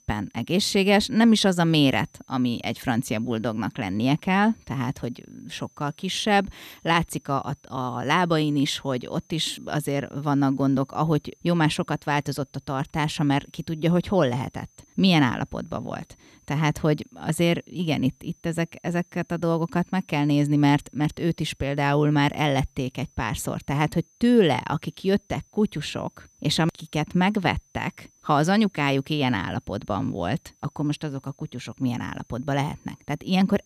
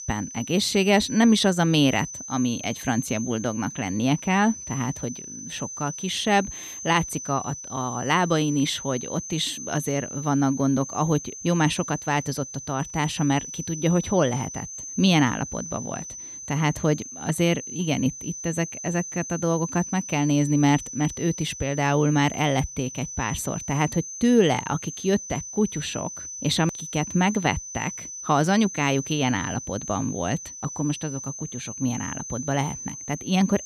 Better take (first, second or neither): first